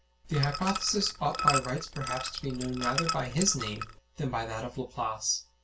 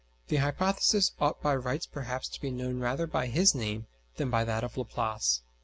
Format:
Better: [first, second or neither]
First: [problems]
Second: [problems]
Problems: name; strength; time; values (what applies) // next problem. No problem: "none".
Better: second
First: background sound (Liquid); 2 dB below the speech // room echo; dies away in 0.2 s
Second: none